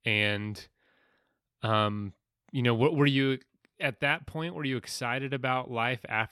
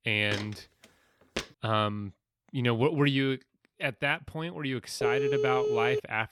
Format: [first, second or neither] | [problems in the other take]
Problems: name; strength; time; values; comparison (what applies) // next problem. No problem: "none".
first | footsteps; noticeable; until 1.5 s; peak 8 dB below the speech // phone ringing; loud; from 5 s on; peak 2 dB above the speech